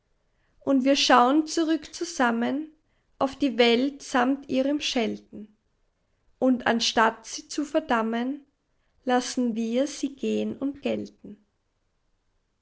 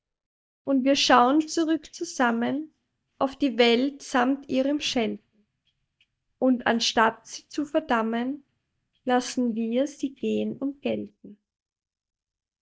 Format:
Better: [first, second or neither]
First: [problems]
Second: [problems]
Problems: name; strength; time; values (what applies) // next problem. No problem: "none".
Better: first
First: none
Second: noise reduction (neural mask model DeepFilterNet 3)